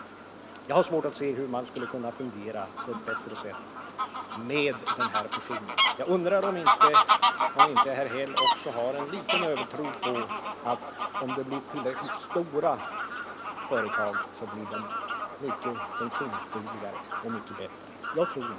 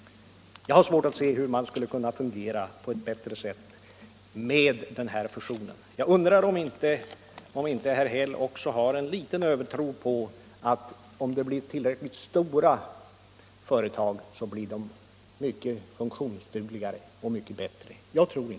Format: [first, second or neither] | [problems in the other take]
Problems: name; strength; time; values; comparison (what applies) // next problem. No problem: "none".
second | background sound (Fowl); 2 dB above the speech